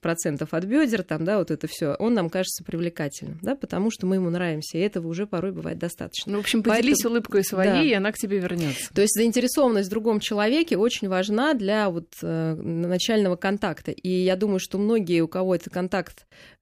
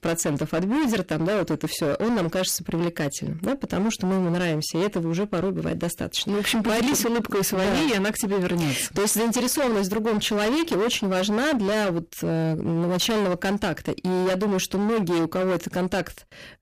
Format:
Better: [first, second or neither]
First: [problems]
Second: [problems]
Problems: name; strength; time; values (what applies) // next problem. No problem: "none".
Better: first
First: none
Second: distortion; heavy; 30% of the sound clipped